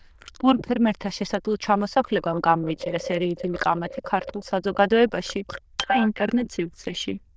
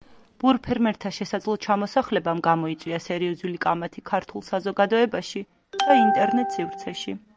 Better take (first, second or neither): second